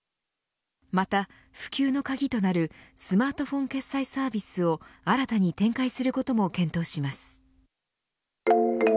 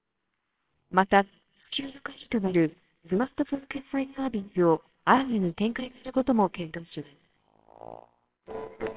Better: first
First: none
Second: noise reduction (neural separator model SepFormer WHAMR!)

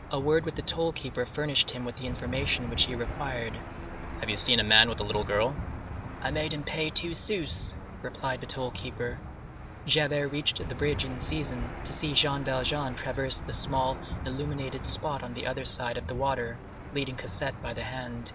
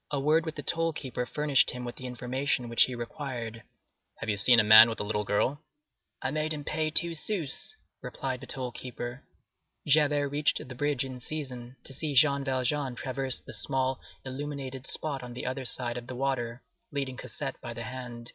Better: second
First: background sound (Engine / Aircraft); 7 dB below the speech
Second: none

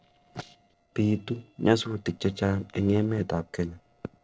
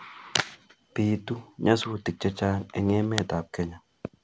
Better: second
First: noise reduction (neural separator model SepFormer DNS4)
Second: none

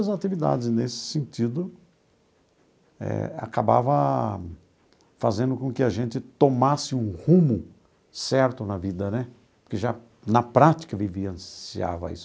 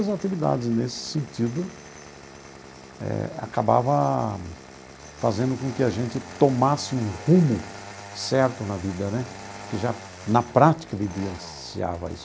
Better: first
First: none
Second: background sound (Engine starting); 16 dB below the speech

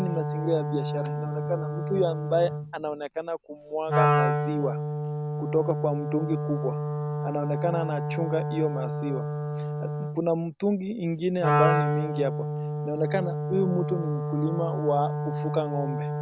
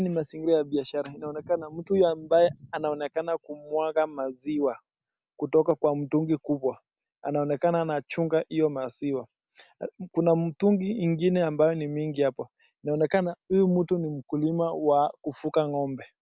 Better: second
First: background sound (Wind instrument, woodwind instrument); 1 dB above the speech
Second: none

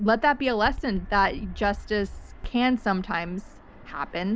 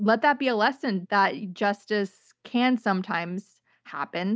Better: second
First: background sound (Fixed-wing aircraft, airplane); 12 dB below the speech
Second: none

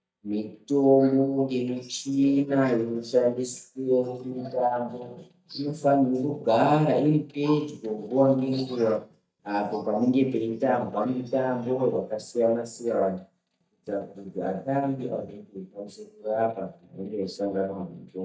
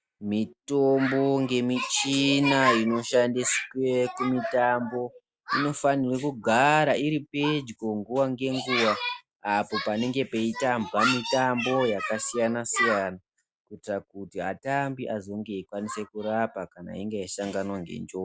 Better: second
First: noise reduction (neural mask model DeepFilterNet 3)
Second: none

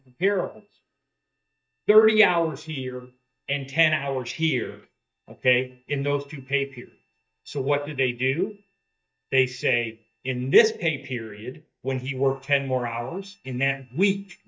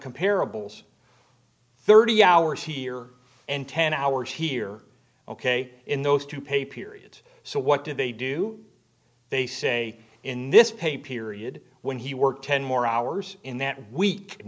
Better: second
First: noise reduction (neural mask model DeepFilterNet 3)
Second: none

